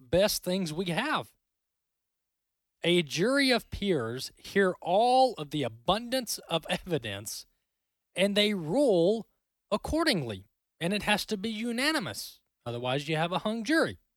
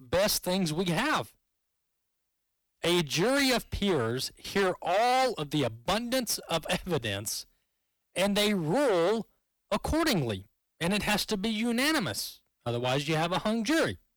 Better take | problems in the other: first | distortion; heavy; 15% of the sound clipped

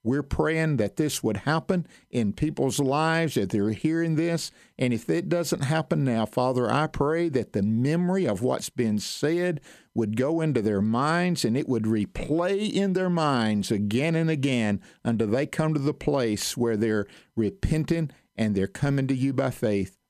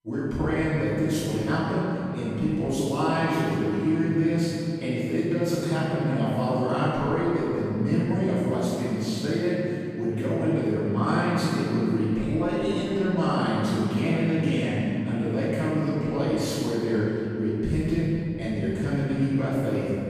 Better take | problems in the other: first | off-mic speech; far // room echo; strong; dies away in 2.8 s

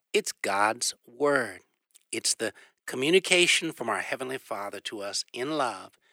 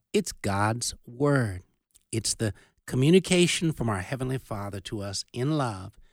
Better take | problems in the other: second | thin; very; fading below 500 Hz

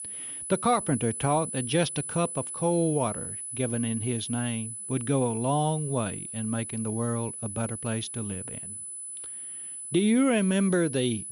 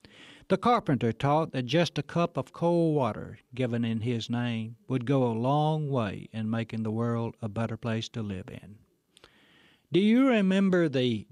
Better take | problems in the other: second | high-pitched whine; loud; throughout; 10 kHz, 7 dB below the speech

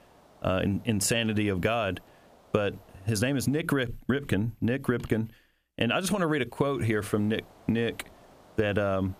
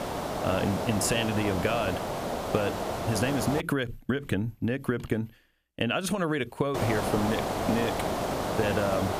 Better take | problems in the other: first | hiss; loud; until 3.5 s and from 7 s on; 2 dB below the speech; faint in the first

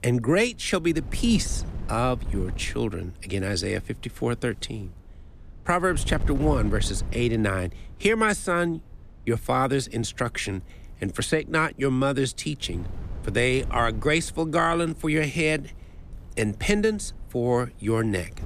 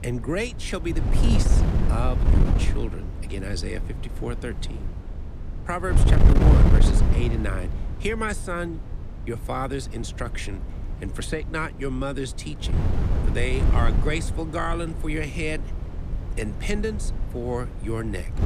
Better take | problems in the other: first | wind noise on the microphone; heavy; 5 dB below the speech; occasional gusts in the first

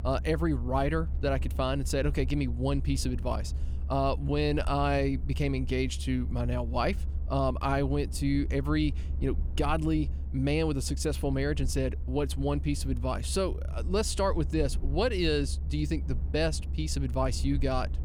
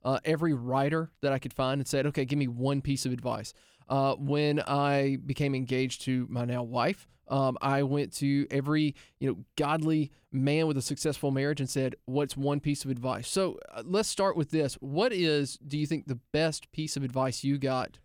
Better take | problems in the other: second | low rumble; noticeable; throughout; 20 dB below the speech

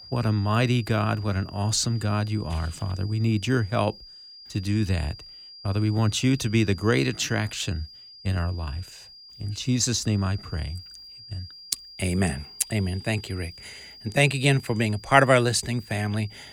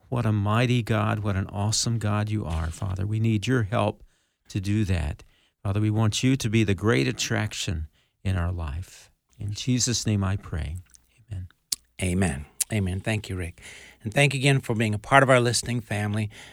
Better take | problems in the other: second | high-pitched whine; noticeable; throughout; 5 kHz, 20 dB below the speech

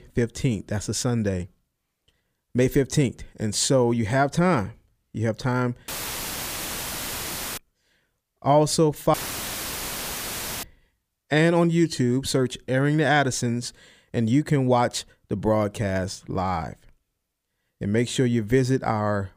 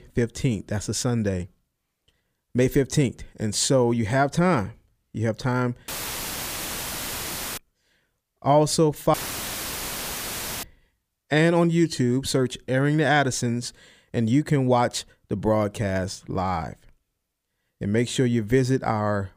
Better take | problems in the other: neither | audio cutting out; filled with static; at 6 s for 1.5 s and at 9 s for 1.5 s; the same in both

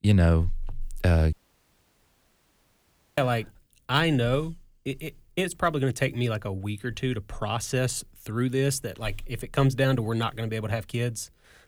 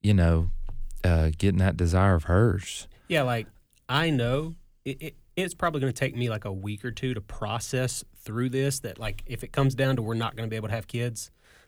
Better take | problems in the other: second | audio cutting out; at 1.5 s for 2 s

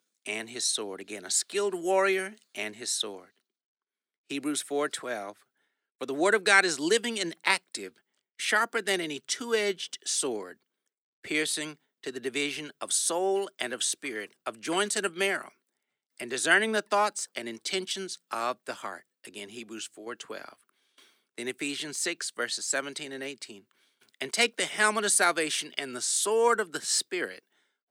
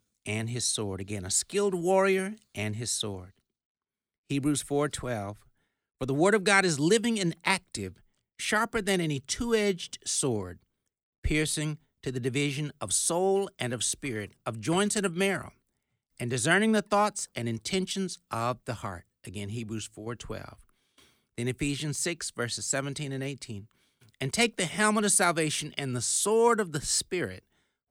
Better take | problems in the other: second | thin; somewhat; fading below 300 Hz

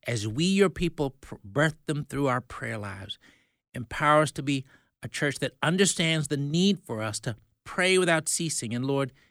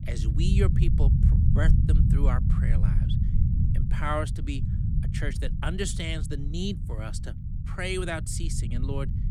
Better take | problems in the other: first | low rumble; loud; throughout; 6 dB below the speech

